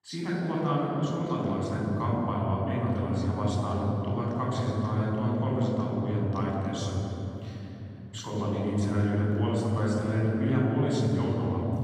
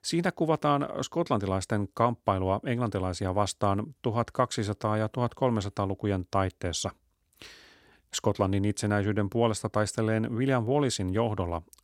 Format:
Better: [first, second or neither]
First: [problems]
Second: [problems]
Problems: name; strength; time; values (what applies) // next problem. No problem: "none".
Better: second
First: room echo; strong; dies away in 3 s // off-mic speech; far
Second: none